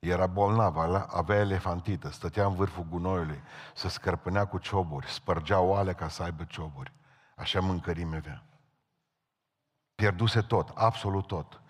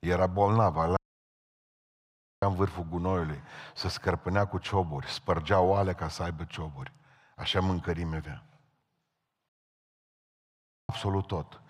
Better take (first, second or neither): first